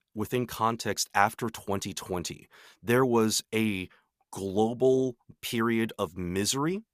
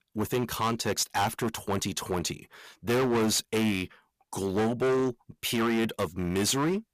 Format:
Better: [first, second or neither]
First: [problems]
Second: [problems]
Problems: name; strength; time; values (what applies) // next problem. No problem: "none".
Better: first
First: none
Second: distortion; heavy; 15% of the sound clipped